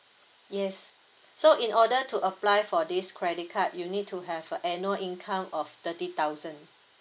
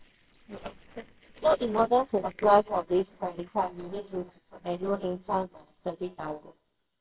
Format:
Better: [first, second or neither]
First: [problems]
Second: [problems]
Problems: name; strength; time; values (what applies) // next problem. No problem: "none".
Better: first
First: none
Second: noise reduction (neural separator model SepFormer WHAMR!)